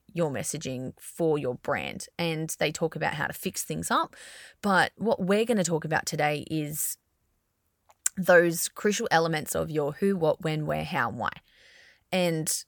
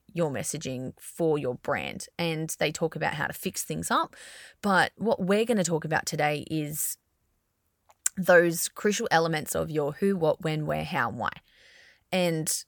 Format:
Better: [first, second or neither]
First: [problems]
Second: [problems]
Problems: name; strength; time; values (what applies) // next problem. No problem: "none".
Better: neither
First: none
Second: none